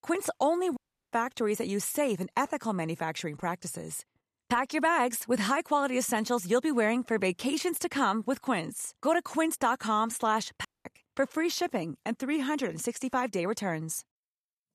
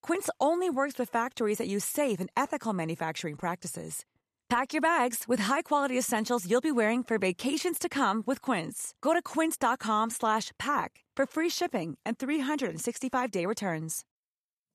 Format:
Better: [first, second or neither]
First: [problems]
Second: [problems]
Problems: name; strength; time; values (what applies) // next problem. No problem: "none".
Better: second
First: audio cutting out; at 1 s and at 11 s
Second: none